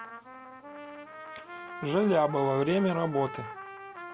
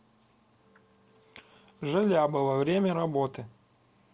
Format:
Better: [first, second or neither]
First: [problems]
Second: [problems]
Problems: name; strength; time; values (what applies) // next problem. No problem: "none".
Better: second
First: background sound (Trumpet); 12 dB below the speech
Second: none